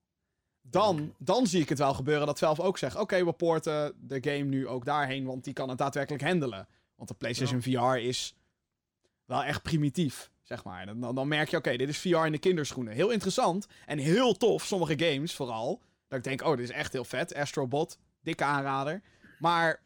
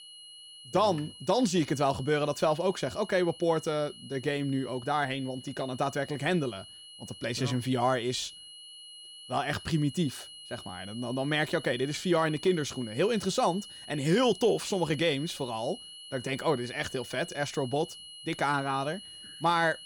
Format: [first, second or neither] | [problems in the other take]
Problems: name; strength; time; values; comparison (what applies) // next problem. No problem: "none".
first | high-pitched whine; noticeable; throughout; 3 kHz, 15 dB below the speech